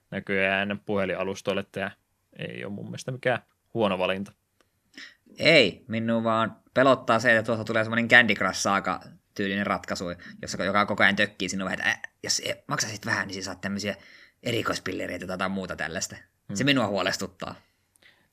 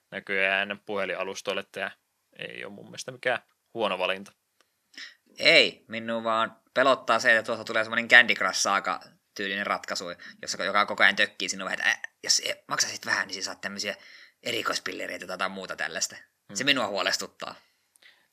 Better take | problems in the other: first | thin; somewhat; fading below 700 Hz

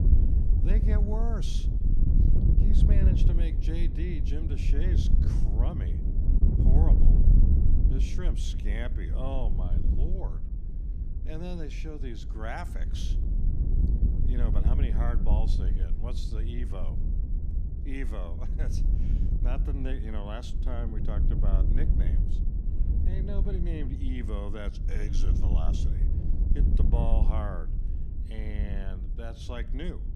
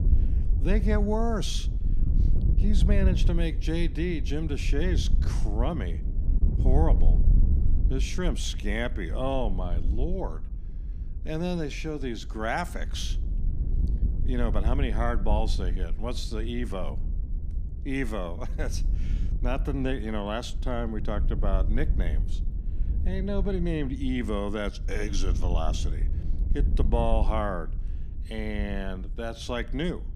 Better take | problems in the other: second | wind noise on the microphone; heavy; 2 dB below the speech; occasional gusts in the second

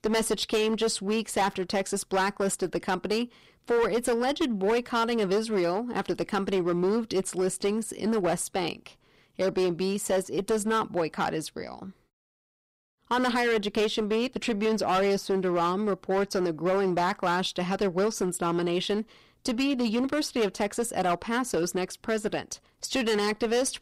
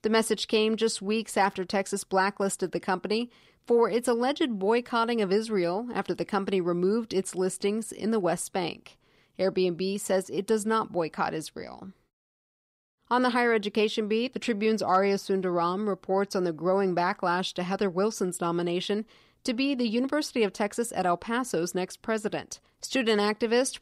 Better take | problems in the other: second | distortion; slight; 12% of the sound clipped

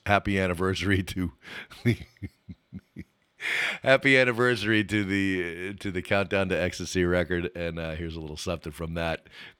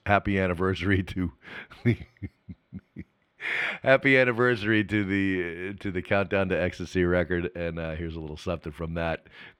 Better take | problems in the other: first | muffled; slightly; fading above 3.5 kHz

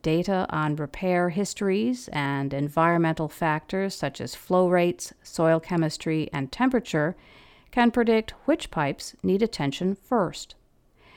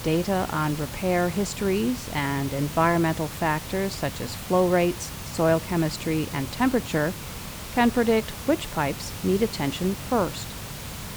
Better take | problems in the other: first | hiss; loud; throughout; 10 dB below the speech

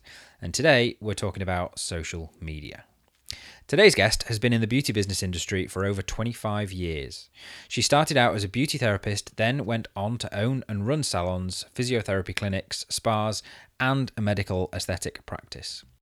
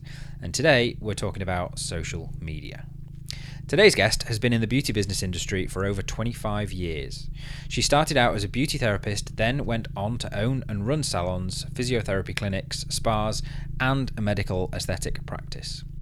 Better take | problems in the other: first | low rumble; faint; throughout; 25 dB below the speech

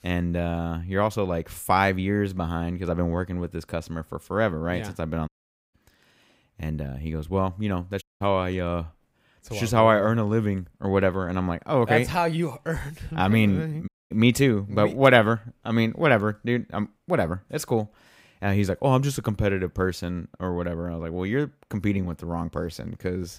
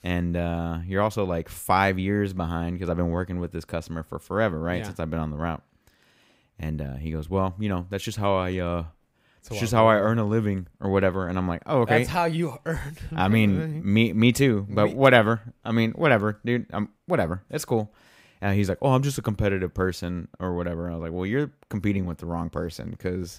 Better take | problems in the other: second | audio cutting out; at 5.5 s, at 8 s and at 14 s

